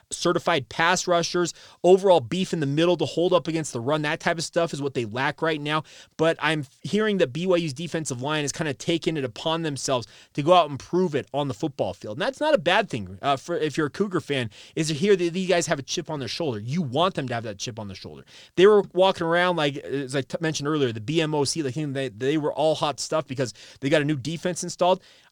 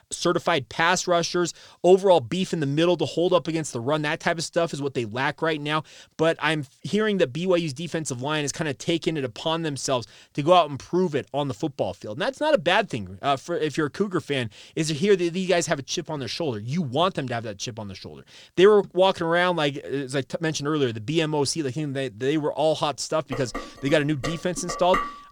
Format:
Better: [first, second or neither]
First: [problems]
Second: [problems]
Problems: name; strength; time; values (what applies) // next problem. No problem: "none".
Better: first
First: none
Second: clattering dishes; noticeable; from 23 s on; peak 3 dB below the speech